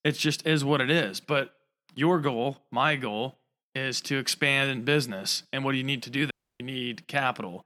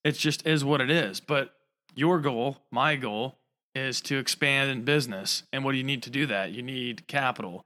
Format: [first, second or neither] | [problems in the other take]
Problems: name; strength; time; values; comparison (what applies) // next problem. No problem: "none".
second | audio cutting out; at 6.5 s